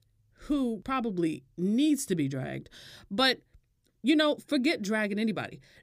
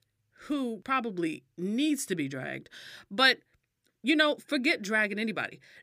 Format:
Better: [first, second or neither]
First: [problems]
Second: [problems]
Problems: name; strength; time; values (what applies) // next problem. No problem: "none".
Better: first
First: none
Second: thin; very slightly; fading below 500 Hz